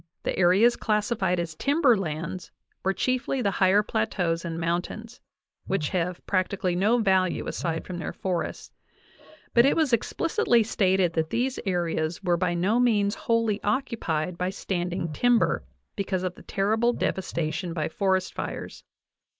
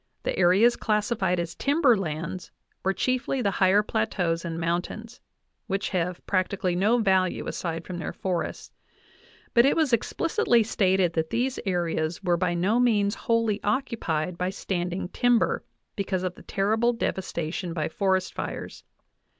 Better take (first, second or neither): second